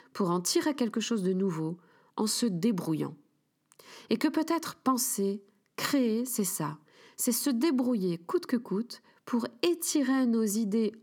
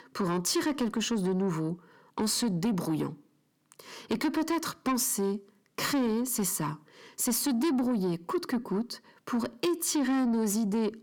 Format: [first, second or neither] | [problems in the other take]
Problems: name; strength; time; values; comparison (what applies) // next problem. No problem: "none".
first | distortion; slight; 10 dB below the speech